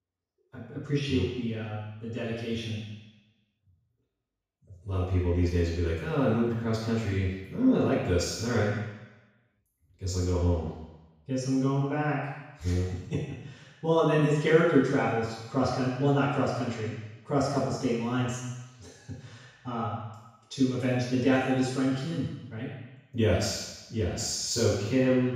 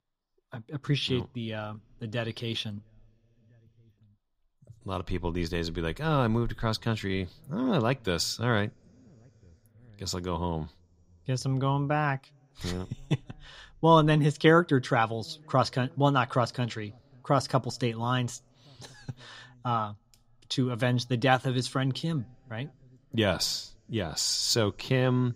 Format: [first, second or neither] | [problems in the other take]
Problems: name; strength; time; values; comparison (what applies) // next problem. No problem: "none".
second | room echo; strong; dies away in 1.1 s; slight in the second // off-mic speech; far